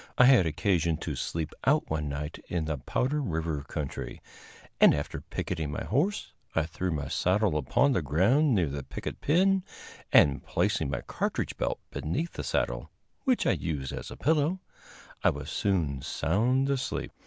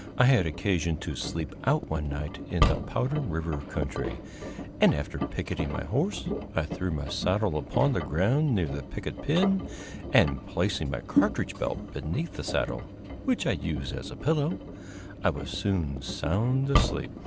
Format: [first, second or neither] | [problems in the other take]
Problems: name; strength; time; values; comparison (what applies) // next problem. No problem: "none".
first | background sound (Engine); 5 dB below the speech